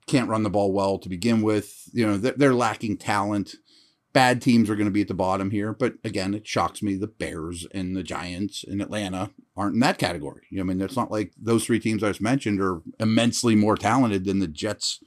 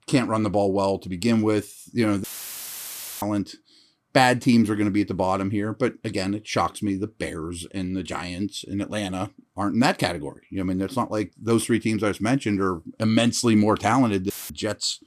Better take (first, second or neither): first